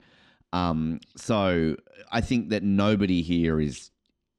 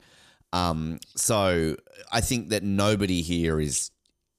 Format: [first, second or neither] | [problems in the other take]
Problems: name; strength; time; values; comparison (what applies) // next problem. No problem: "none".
second | muffled; slightly; fading above 3 kHz